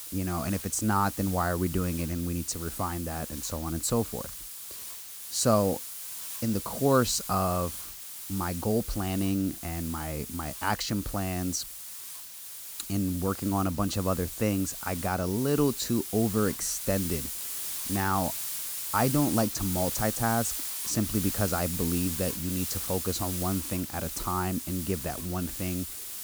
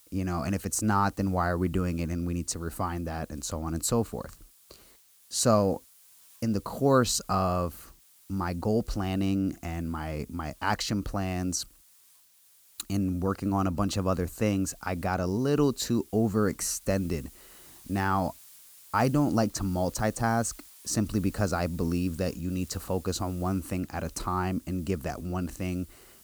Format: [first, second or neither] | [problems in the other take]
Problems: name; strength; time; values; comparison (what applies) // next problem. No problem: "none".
second | hiss; loud; throughout; 5 dB below the speech; faint in the second